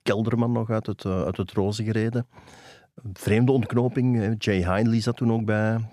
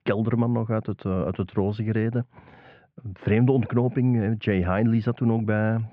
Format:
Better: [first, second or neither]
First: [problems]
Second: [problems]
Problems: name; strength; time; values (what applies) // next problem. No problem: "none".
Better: first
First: none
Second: muffled; very; fading above 3 kHz